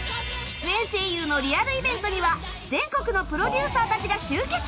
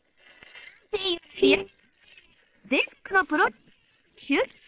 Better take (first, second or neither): first